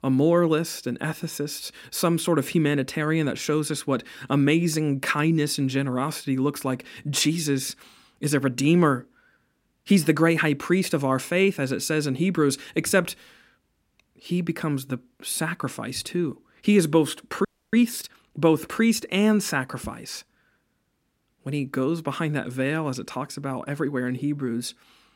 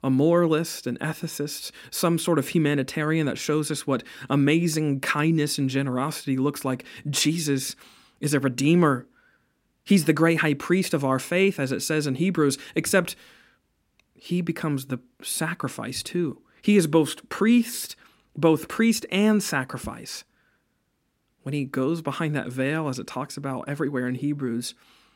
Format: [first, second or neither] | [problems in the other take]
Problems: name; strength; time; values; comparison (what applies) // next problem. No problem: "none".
second | audio freezing; at 17 s